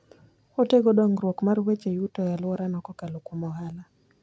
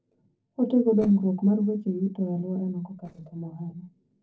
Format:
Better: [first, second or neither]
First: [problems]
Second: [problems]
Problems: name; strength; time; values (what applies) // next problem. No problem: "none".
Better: first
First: none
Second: noise reduction (neural separator model SepFormer DNS4)